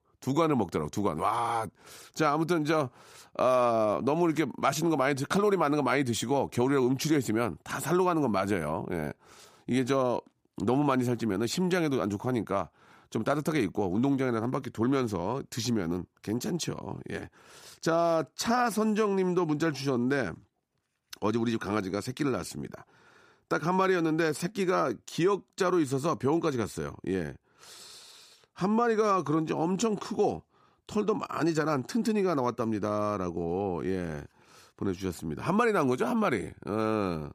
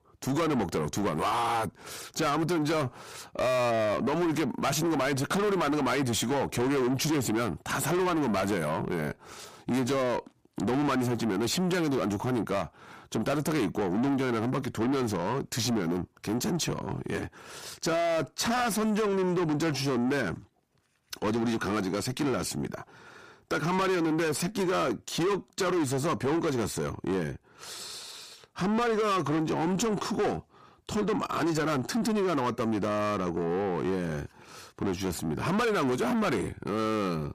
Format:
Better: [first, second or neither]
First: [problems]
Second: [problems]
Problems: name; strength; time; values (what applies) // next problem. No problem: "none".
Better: first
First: none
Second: distortion; heavy; 7 dB below the speech